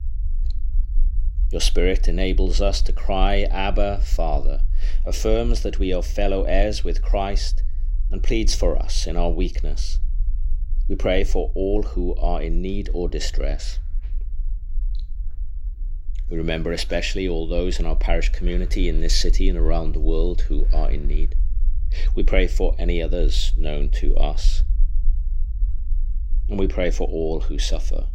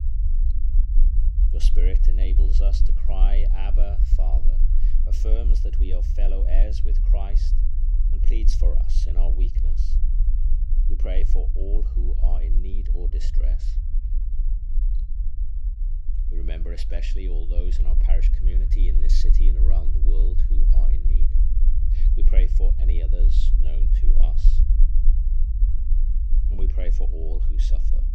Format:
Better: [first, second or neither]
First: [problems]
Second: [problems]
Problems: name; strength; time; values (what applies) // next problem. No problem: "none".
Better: first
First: low rumble; faint; throughout; 25 dB below the speech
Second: low rumble; loud; throughout; 6 dB below the speech